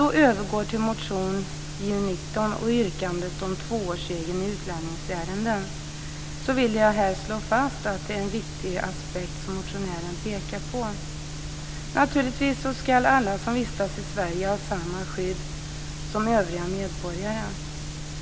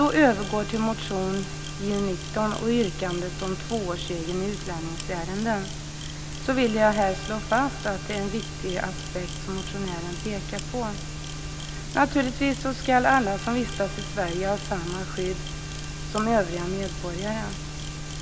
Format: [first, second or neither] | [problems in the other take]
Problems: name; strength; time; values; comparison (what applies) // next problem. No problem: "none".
first | background sound (Bowed string instrument + Camera); 17 dB below the speech